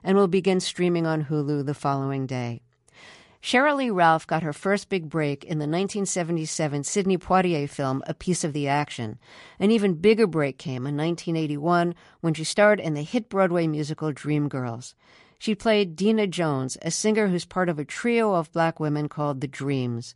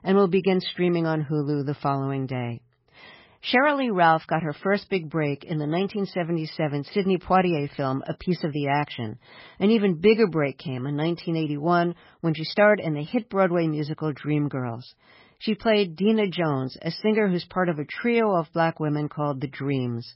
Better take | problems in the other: first | garbled, watery; badly; nothing above 5.5 kHz; slightly in the first

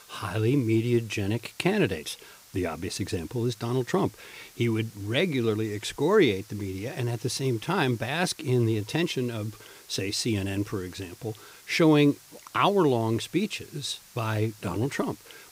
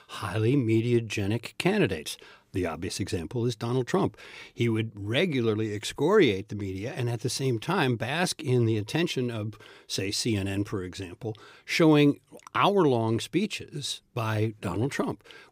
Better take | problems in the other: second | hiss; faint; throughout; 25 dB below the speech

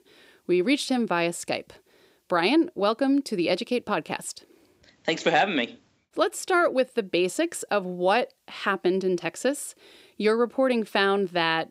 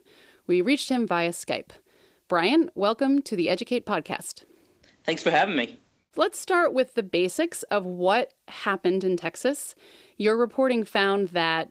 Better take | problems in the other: first | garbled, watery; slightly; nothing above 15.5 kHz

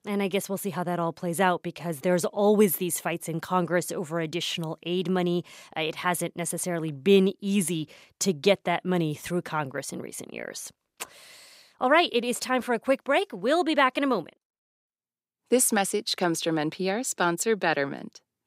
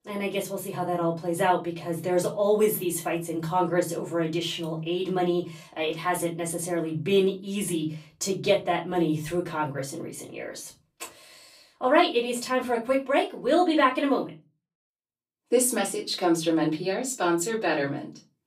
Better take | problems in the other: first | off-mic speech; far // room echo; very slight; dies away in 0.3 s

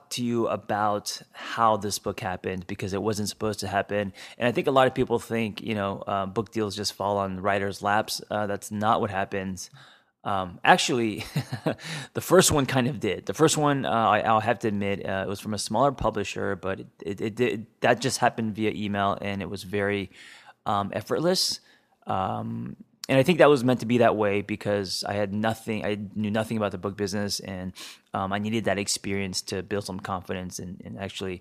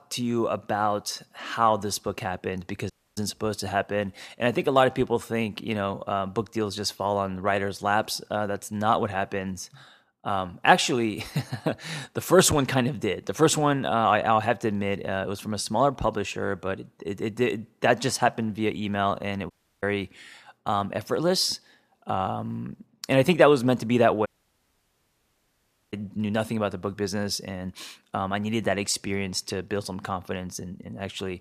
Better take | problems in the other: first | audio cutting out; at 3 s, at 20 s and at 24 s for 1.5 s

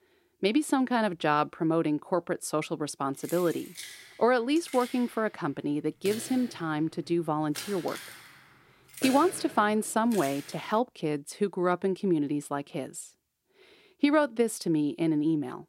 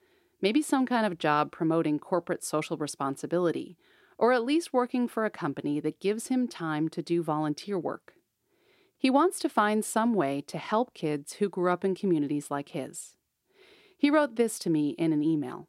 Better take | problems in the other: second | jangling keys; noticeable; from 3.5 to 11 s; peak 7 dB below the speech

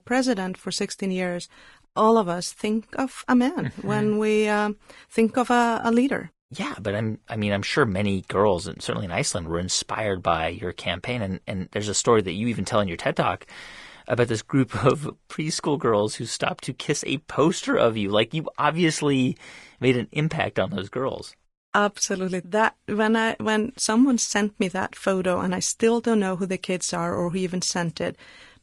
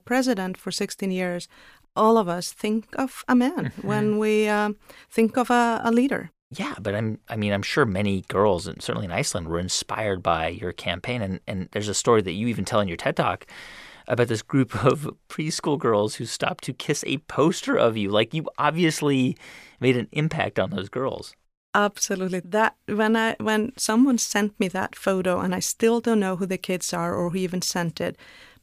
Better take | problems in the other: second | garbled, watery; slightly; nothing above 10.5 kHz

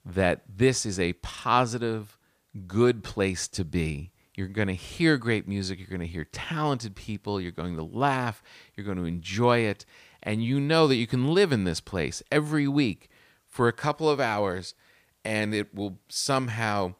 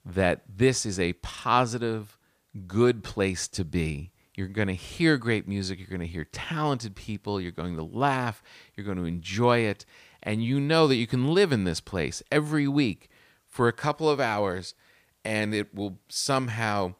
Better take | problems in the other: neither | none

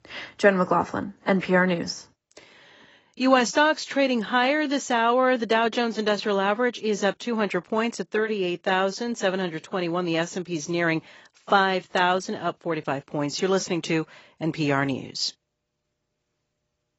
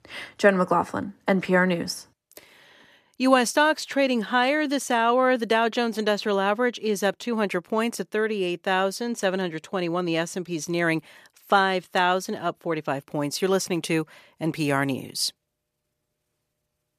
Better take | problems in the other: second | garbled, watery; badly; nothing above 7.5 kHz

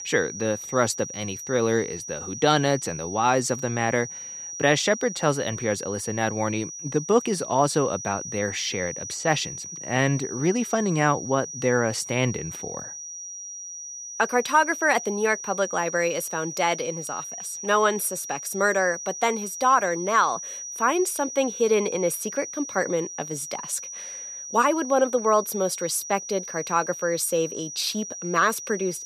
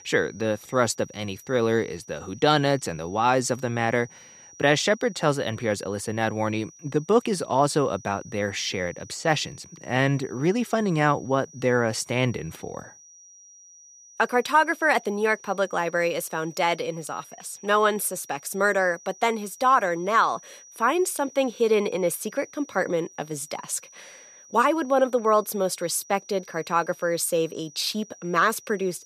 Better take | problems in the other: second | high-pitched whine; loud; throughout; 6 kHz, 9 dB below the speech; faint in the second

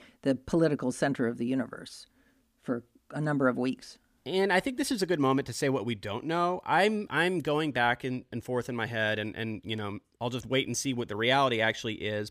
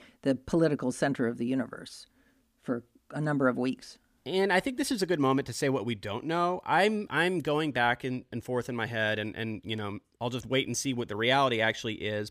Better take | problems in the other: neither | none

